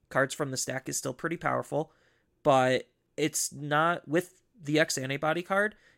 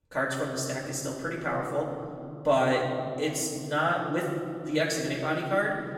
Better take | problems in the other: first | off-mic speech; far // room echo; noticeable; dies away in 2.7 s

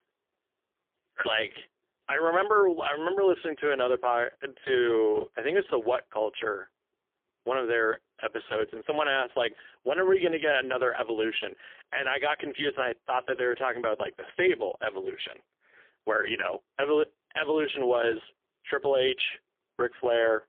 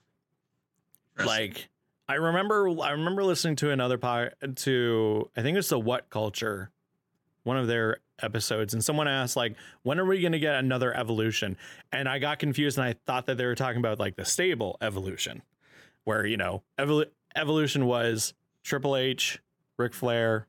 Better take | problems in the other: second | phone-call audio; poor line; nothing above 3.5 kHz

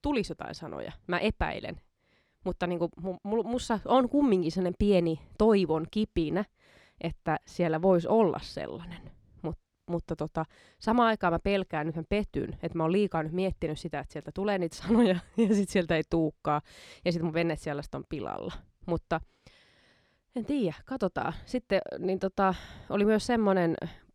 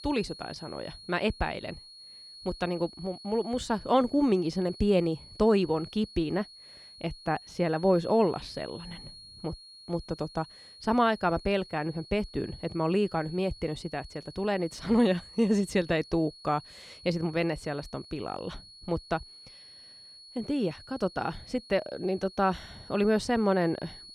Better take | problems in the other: first | high-pitched whine; noticeable; throughout; 4.5 kHz, 20 dB below the speech

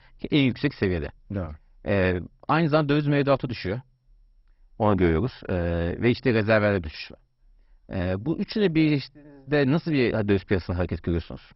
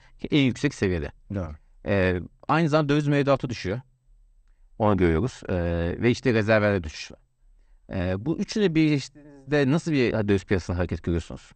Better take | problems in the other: second | garbled, watery; badly; nothing above 5.5 kHz; slightly in the second

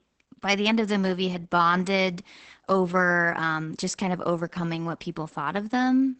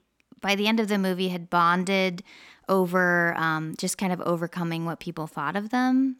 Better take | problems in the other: second | garbled, watery; badly; nothing above 8 kHz

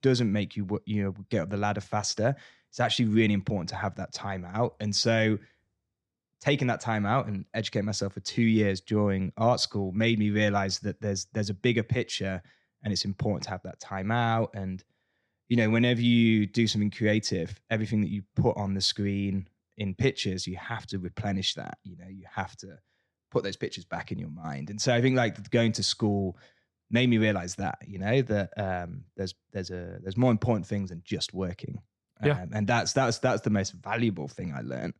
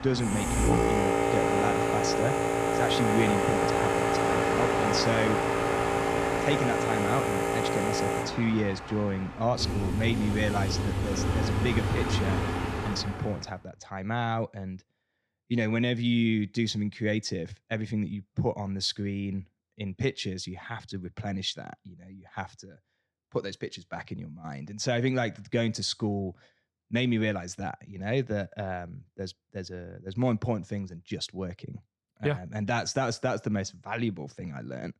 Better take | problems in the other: first | train or aircraft noise; very loud; until 13 s; 4 dB above the speech

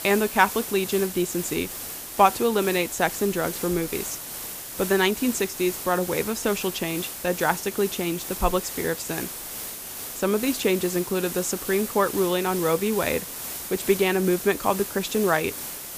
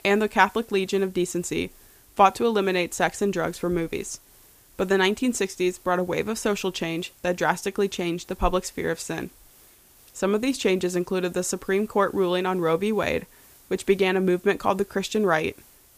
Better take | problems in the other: second | hiss; loud; throughout; 7 dB below the speech; faint in the second

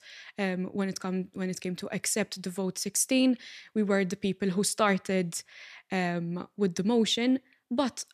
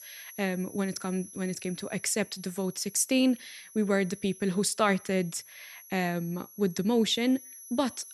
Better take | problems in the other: first | high-pitched whine; noticeable; throughout; 11 kHz, 20 dB below the speech

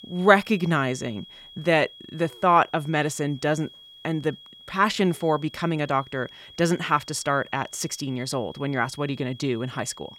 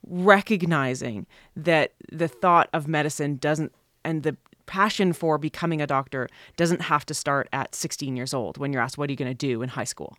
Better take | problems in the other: second | high-pitched whine; faint; throughout; 3.5 kHz, 20 dB below the speech

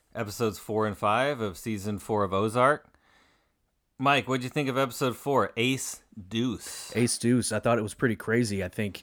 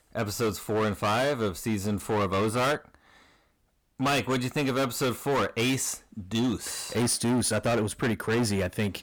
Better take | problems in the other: first | distortion; heavy; 17% of the sound clipped

